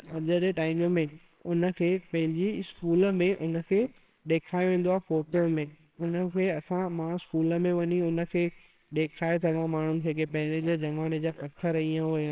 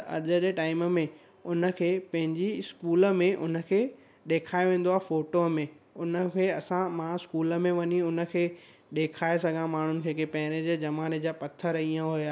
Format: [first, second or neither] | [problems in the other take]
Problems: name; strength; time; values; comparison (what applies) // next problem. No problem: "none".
second | noise reduction (neural separator model SepFormer WHAMR!)